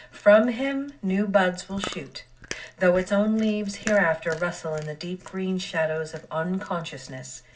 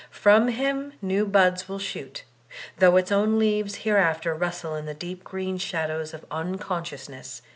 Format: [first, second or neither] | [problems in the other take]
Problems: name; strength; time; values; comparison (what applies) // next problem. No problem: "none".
second | background sound (Chewing, mastication); 19 dB below the speech // room echo; dies away in 0.4 s